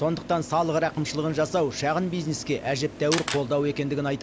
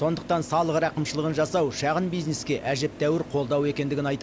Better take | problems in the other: second | background sound (Camera); 13 dB below the speech

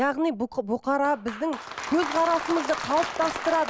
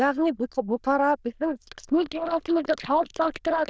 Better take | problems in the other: first | noise reduction (neural diffusion model UNIVERSE++)

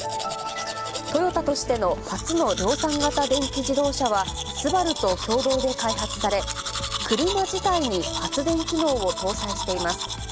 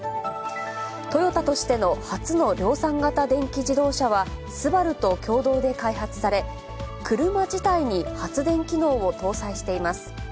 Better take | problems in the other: second | background sound (Domestic sounds, home sounds); 7 dB below the speech

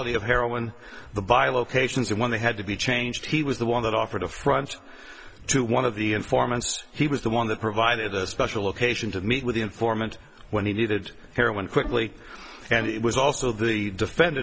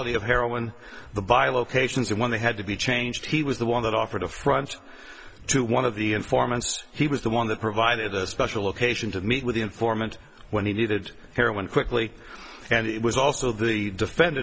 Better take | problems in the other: second | background sound (Bowed string instrument); 16 dB below the speech

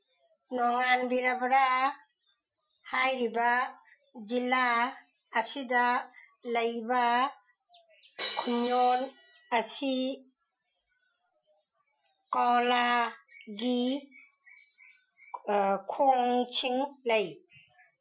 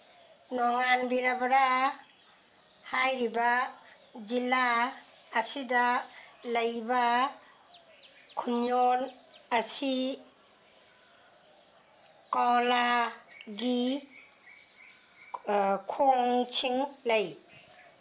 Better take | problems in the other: second | noise reduction (classical method Wiener filter)

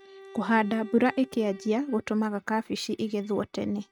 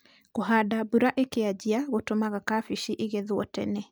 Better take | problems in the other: second | noise reduction (neural mask model RNNoise)

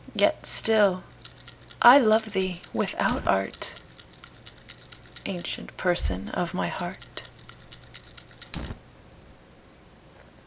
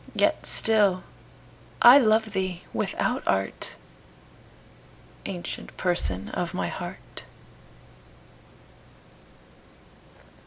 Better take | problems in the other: second | background sound (Fire + Rattle); 18 dB below the speech

